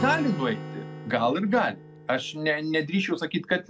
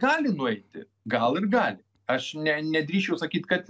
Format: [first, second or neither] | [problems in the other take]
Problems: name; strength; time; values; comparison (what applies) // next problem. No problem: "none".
second | background sound (Acoustic guitar); 12 dB below the speech